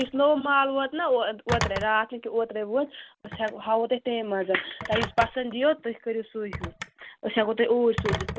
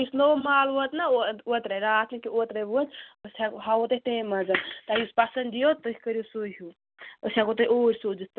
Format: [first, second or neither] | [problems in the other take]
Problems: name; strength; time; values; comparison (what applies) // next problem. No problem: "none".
second | background sound (Telephone); 11 dB below the speech